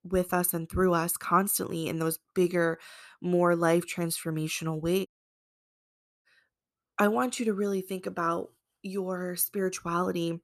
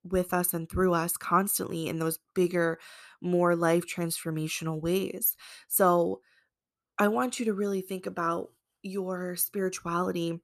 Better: second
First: audio cutting out; at 5 s for 1 s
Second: none

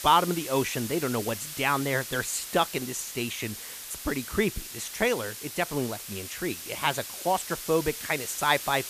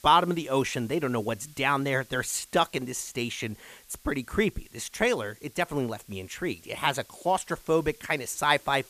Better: second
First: hiss; loud; throughout; 8 dB below the speech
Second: hiss; faint; throughout; 25 dB below the speech

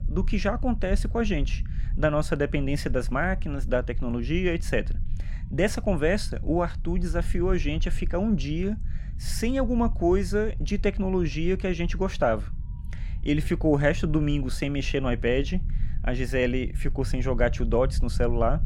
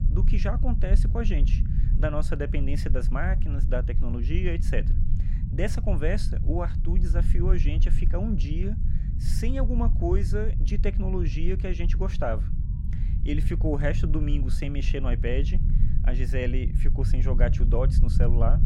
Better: first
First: low rumble; faint; throughout; 20 dB below the speech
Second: low rumble; loud; throughout; 9 dB below the speech

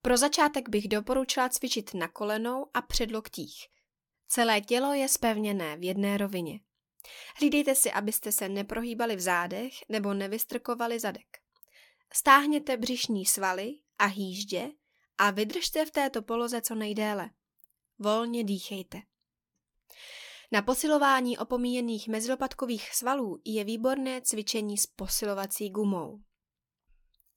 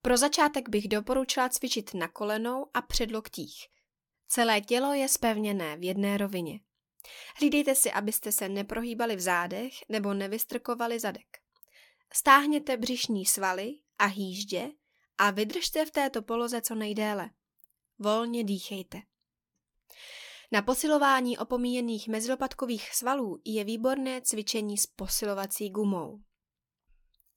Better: neither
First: none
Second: none

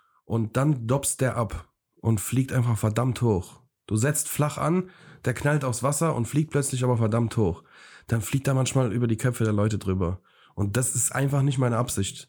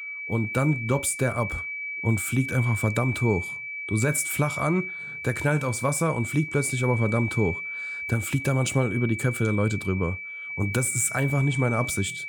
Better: first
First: none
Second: high-pitched whine; loud; throughout; 2.5 kHz, 6 dB below the speech

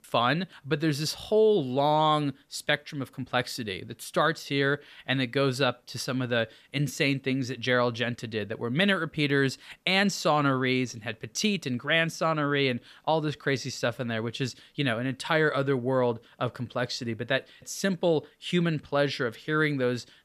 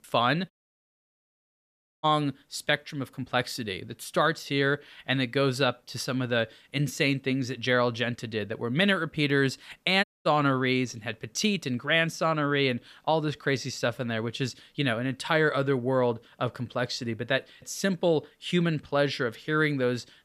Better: first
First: none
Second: audio cutting out; at 0.5 s for 1.5 s and at 10 s

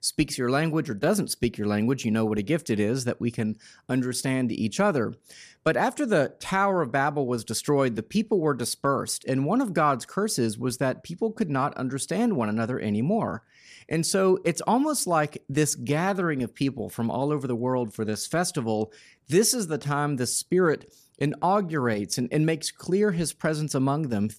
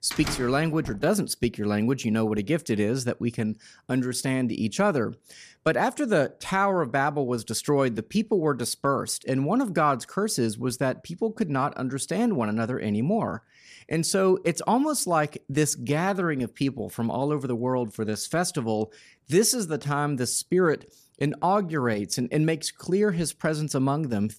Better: first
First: none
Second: door banging; noticeable; at the start; peak 7 dB below the speech

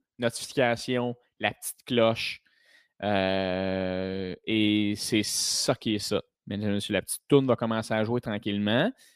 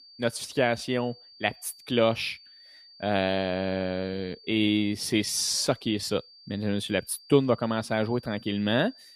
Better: first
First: none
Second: high-pitched whine; faint; throughout; 4.5 kHz, 20 dB below the speech

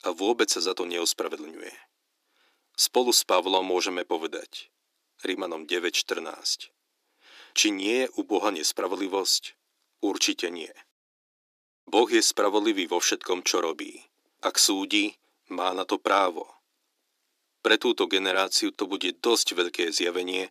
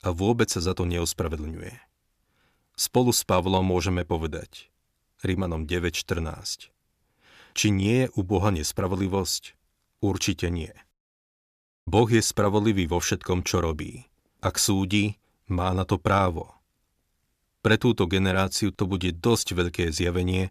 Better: second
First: thin; somewhat; fading below 300 Hz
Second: none

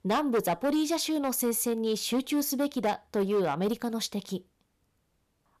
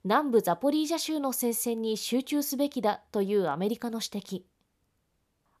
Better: second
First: distortion; slight; 7% of the sound clipped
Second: none

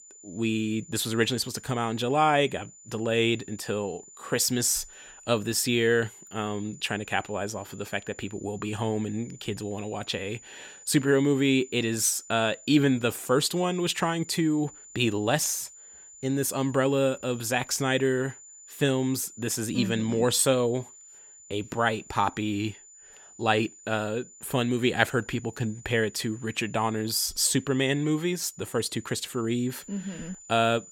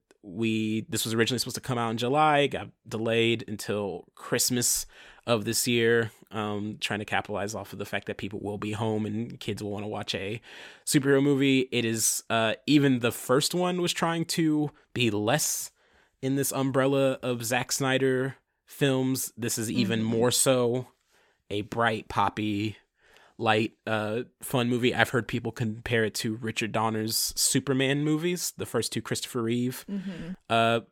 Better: second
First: high-pitched whine; faint; throughout; 7 kHz, 20 dB below the speech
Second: none

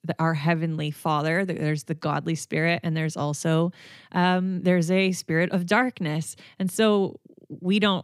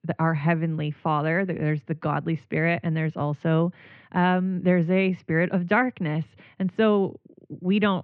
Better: first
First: none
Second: muffled; very; fading above 2.5 kHz

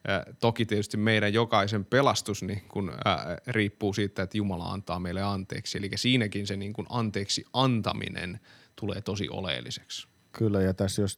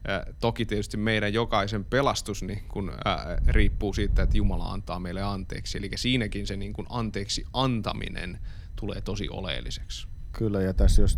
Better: first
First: none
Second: wind noise on the microphone; occasional gusts; 25 dB below the speech

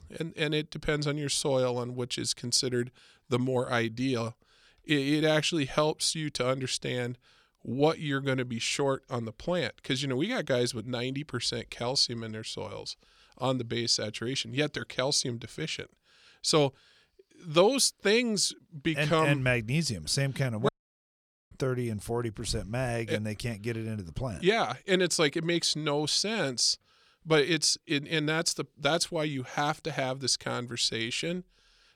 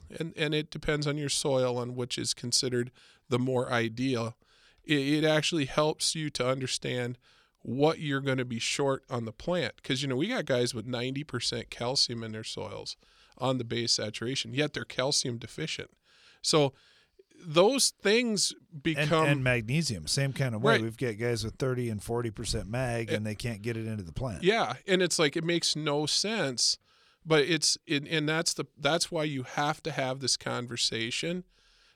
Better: second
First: audio cutting out; at 21 s for 1 s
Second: none

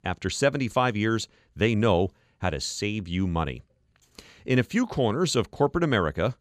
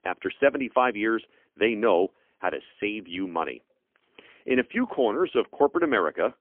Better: first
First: none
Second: phone-call audio; poor line; nothing above 3 kHz

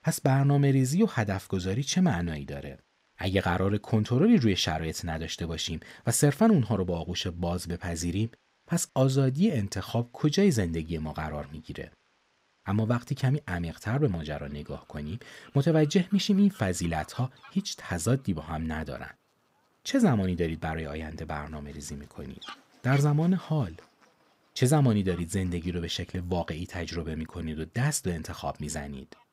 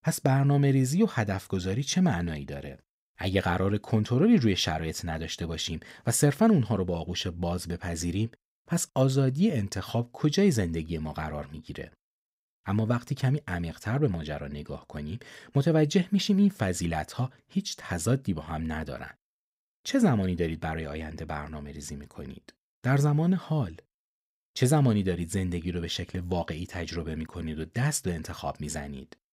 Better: second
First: animal sounds; faint; throughout; 25 dB below the speech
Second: none

